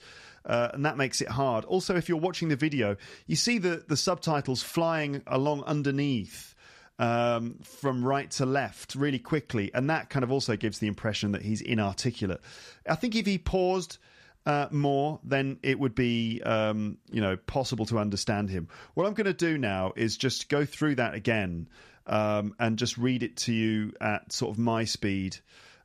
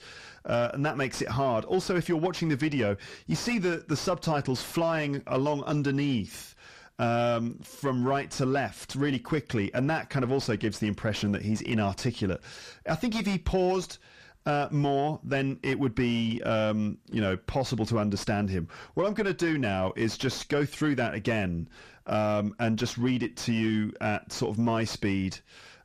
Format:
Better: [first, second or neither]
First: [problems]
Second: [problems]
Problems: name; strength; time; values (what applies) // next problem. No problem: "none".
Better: first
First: none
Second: distortion; slight; 10 dB below the speech